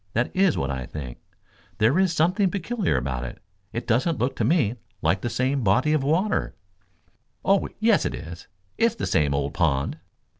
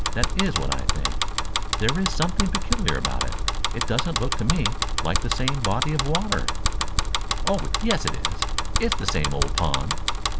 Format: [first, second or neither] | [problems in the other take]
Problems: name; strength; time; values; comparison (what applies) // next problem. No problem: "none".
first | background sound (Bicycle); 5 dB above the speech